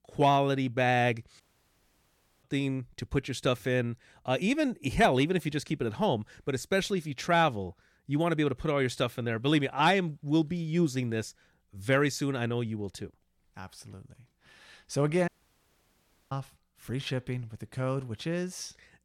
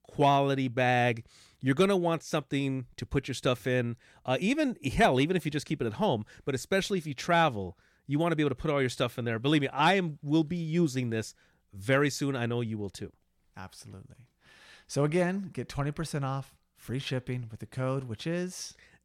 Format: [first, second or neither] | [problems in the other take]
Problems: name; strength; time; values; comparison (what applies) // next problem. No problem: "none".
second | audio cutting out; at 1.5 s for 1 s and at 15 s for 1 s